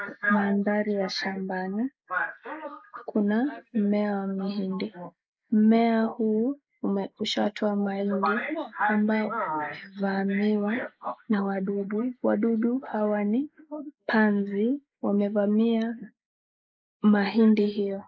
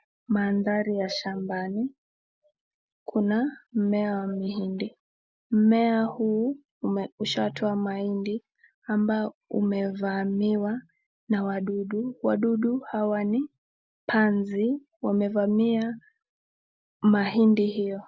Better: second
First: noise reduction (neural mask model Resemble Enhance denoiser)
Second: none

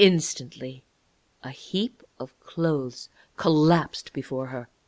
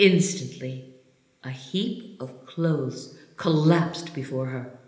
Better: first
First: none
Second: room echo; dies away in 1 s

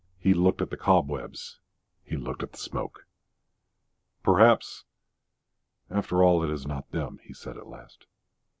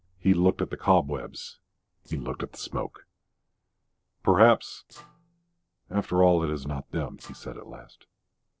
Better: first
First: none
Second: noise reduction (neural separator model SepFormer DNS4)

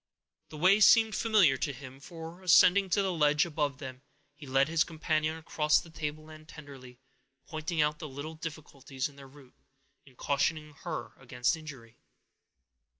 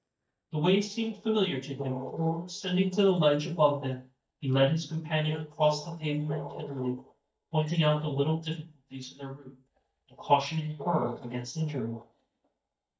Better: first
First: none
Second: noise reduction (neural mask model DeepFilterNet 3)

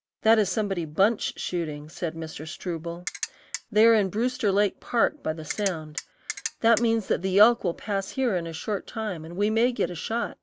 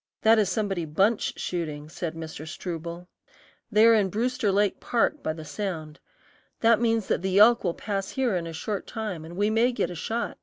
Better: second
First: background sound (Ratchet, pawl); 10 dB below the speech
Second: none

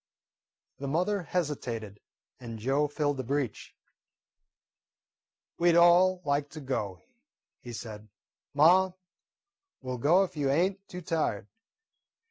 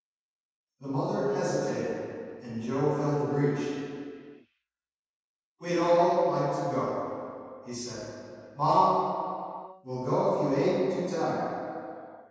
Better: first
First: none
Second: room echo; dies away in 2.1 s

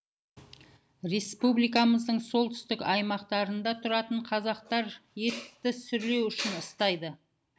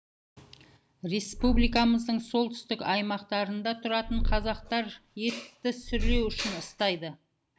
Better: first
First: none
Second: background sound (Purr); 1 dB below the speech

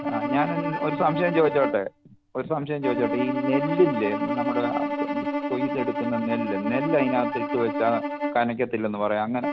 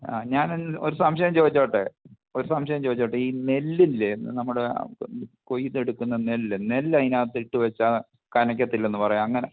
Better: second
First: background sound (Bowed string instrument); 3 dB below the speech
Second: none

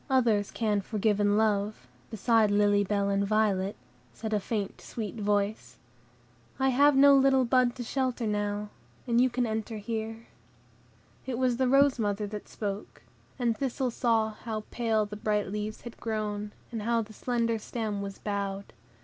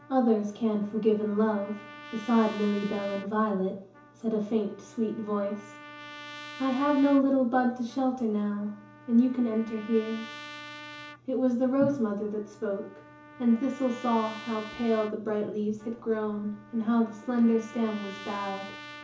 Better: first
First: none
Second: background sound (Trumpet); 18 dB below the speech // room echo; dies away in 0.7 s

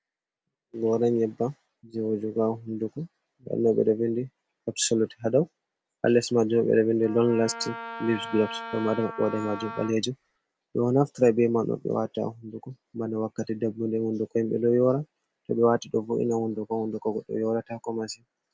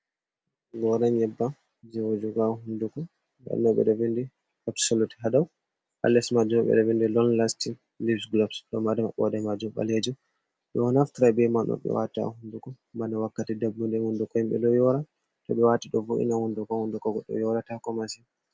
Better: second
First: background sound (Wind instrument, woodwind instrument); 12 dB below the speech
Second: none

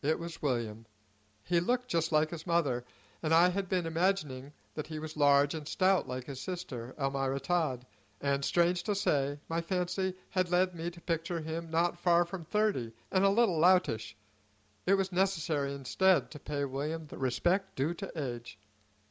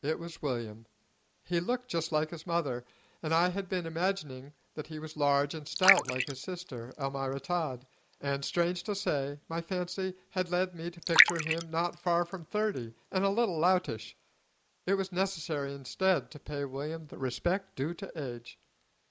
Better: first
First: none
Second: noise reduction (neural mask model Resemble Enhance denoiser)

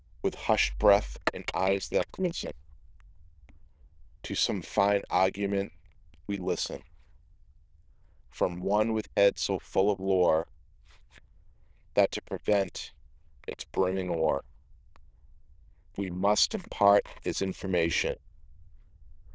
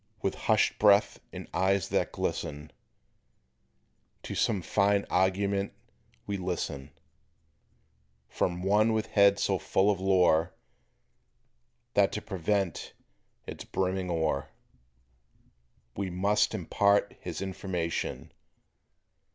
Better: second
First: noise reduction (neural diffusion model UNIVERSE++)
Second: none

